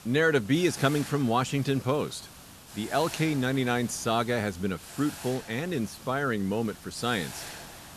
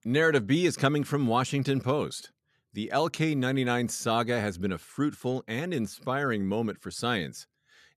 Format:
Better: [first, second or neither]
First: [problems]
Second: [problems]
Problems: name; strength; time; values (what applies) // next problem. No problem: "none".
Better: second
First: hiss; noticeable; throughout; 15 dB below the speech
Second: none